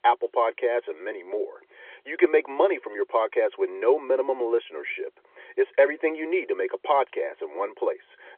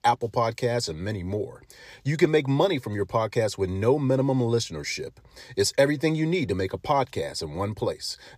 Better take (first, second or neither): second